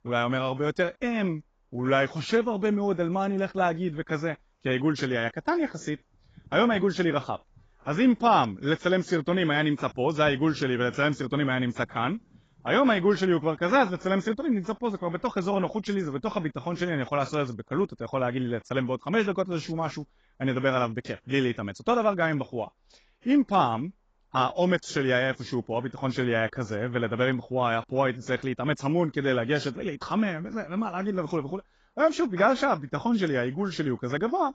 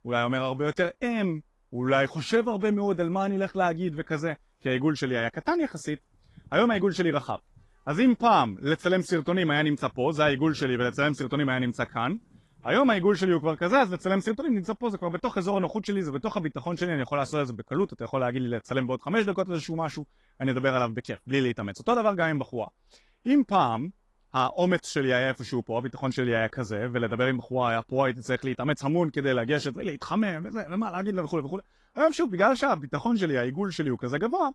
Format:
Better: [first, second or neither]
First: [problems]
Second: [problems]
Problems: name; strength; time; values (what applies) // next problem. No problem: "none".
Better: second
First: garbled, watery; badly; nothing above 7.5 kHz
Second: garbled, watery; slightly